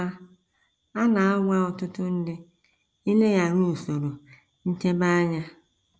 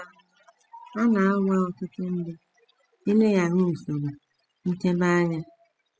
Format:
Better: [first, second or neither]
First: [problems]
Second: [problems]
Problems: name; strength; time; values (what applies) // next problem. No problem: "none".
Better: first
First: none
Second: noise reduction (classical method spectral subtraction)